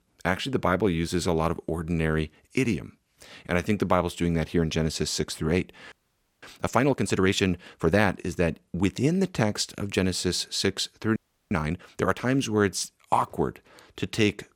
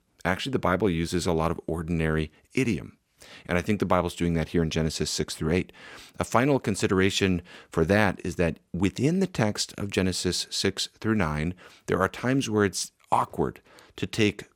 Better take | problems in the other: second | audio freezing; at 6 s for 0.5 s and at 11 s

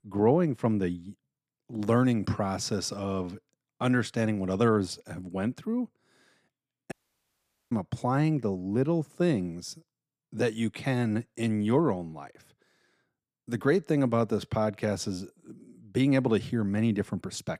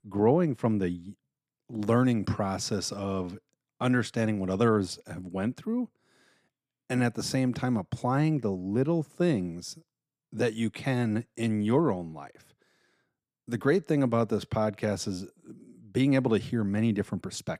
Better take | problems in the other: second | audio cutting out; at 7 s for 1 s

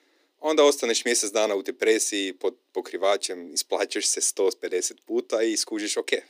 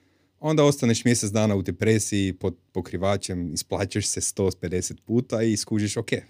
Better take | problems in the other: second | thin; very; fading below 350 Hz

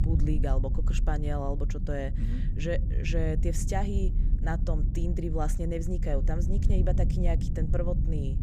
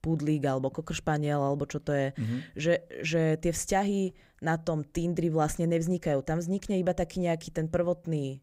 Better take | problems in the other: second | low rumble; loud; throughout; 9 dB below the speech

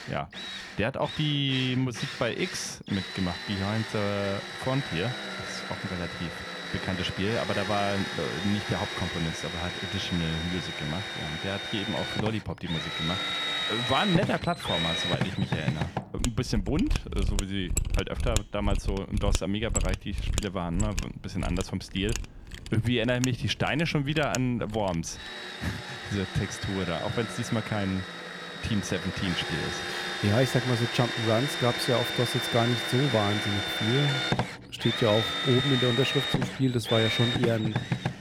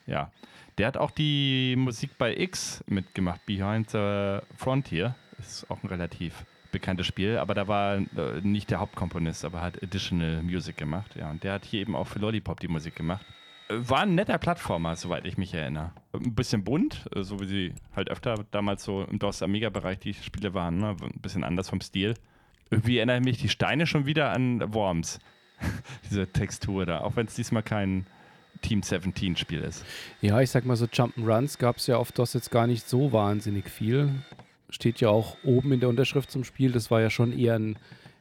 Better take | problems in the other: second | machinery noise; loud; throughout; 2 dB below the speech; faint in the second

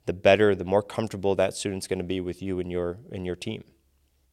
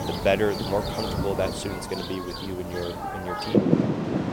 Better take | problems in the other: first | rain or running water; very loud; throughout; 1 dB above the speech

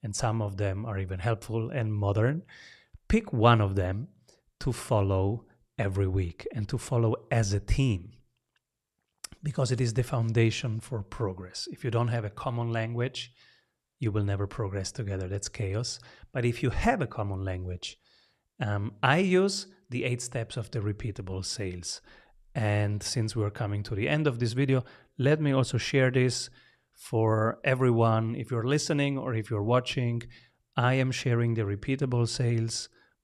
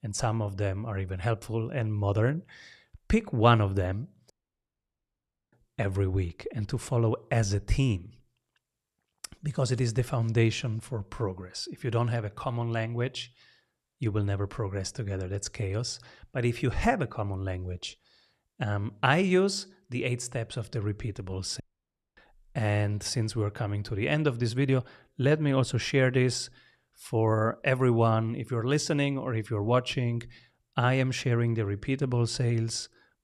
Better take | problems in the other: first | audio cutting out; at 4.5 s for 1 s and at 22 s for 0.5 s

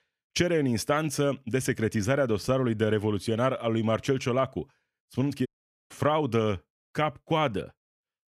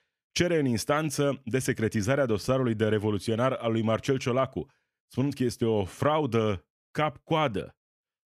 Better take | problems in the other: second | audio cutting out; at 5.5 s

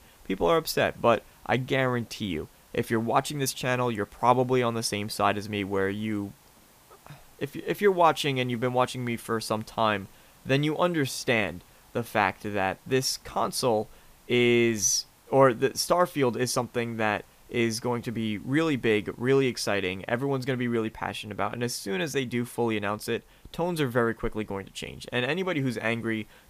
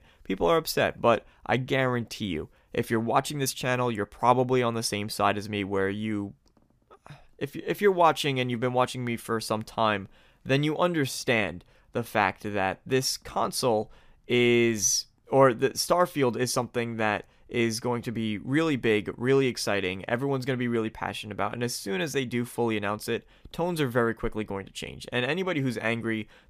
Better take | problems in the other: second | hiss; faint; throughout; 30 dB below the speech

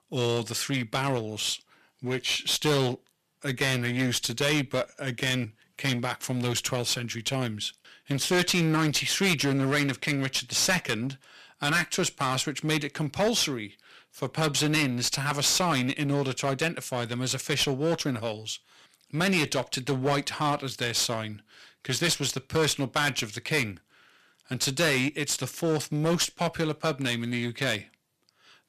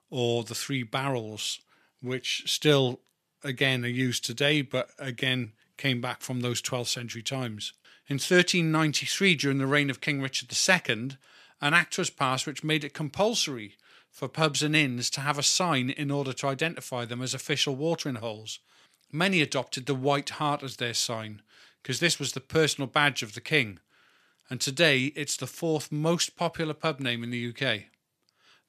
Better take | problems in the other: second | distortion; heavy; 10% of the sound clipped

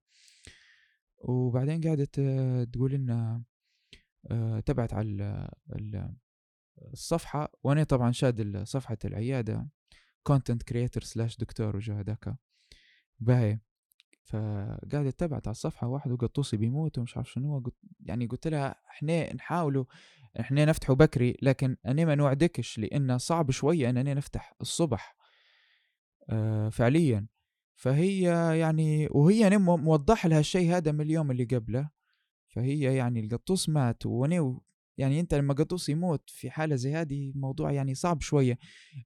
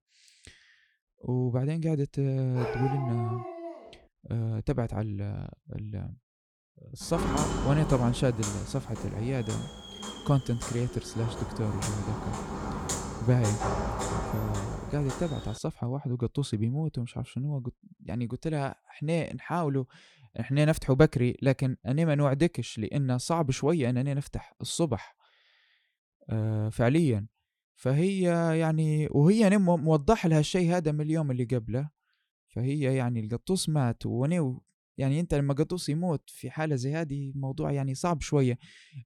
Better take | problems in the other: first | dog barking; noticeable; from 2.5 to 4 s; peak 5 dB below the speech // footsteps; noticeable; from 7 to 16 s; peak level with the speech

